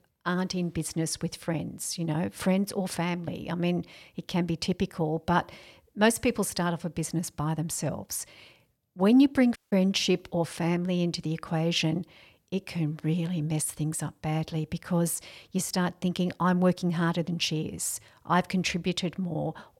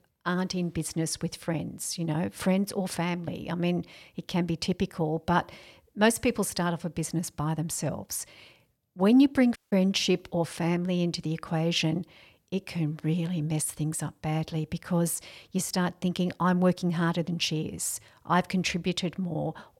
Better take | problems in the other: neither | audio cutting out; at 9.5 s; the same in both

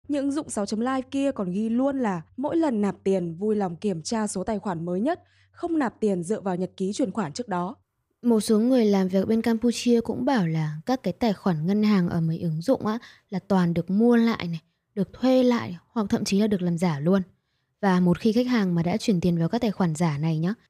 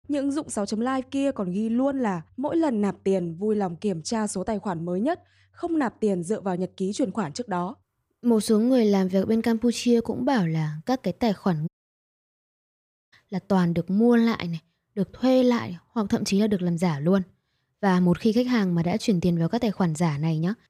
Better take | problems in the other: first | audio cutting out; at 12 s for 1.5 s

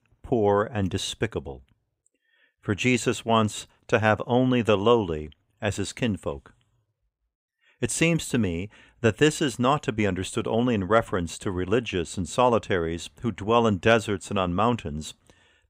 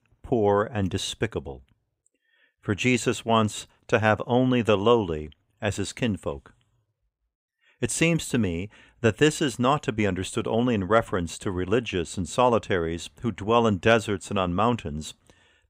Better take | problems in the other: neither | none

